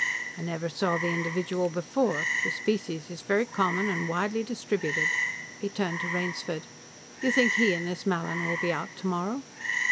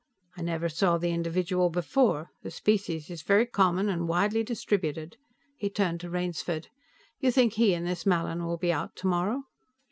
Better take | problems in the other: second | background sound (Frog); 3 dB below the speech

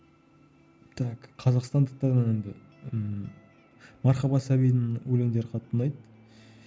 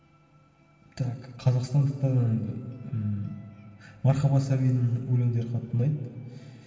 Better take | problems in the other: first | room echo; dies away in 2.3 s

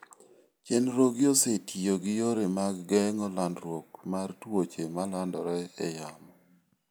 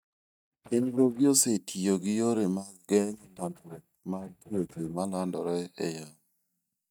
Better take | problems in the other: first | noise reduction (neural mask model DeepFilterNet 3)

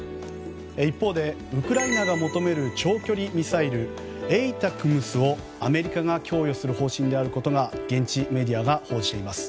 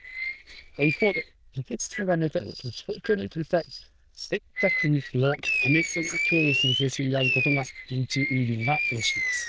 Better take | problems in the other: first | noise reduction (neural diffusion model UNIVERSE++)

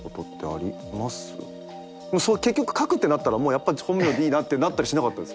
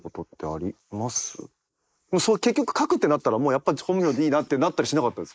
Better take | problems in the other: first | noise reduction (neural mask model Resemble Enhance denoiser)

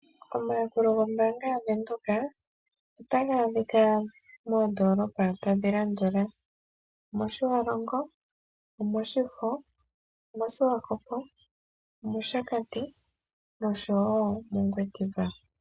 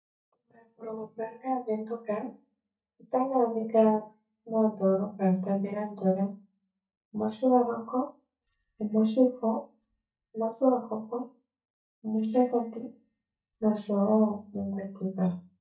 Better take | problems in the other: first | noise reduction (neural mask model DeepFilterNet 3)

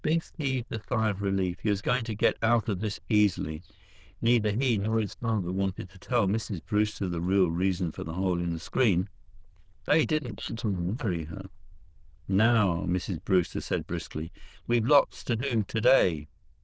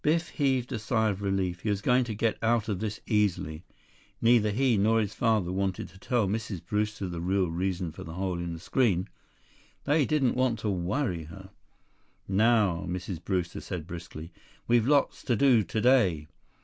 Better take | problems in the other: second | noise reduction (neural diffusion model UNIVERSE++)

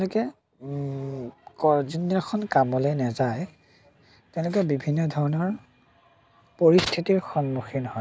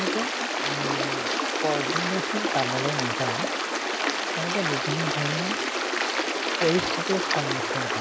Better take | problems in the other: first | background sound (Stream); 4 dB above the speech

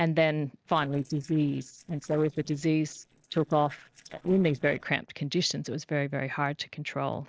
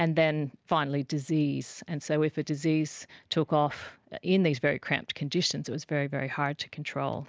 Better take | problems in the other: second | noise reduction (neural separator model SepFormer DNS4)

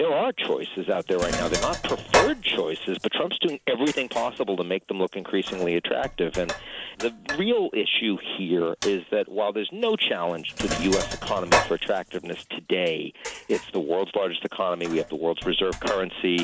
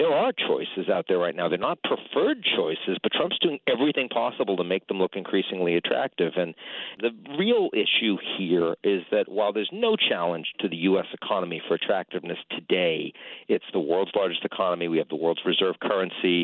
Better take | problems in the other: second | background sound (Sink (filling or washing)); 7 dB below the speech

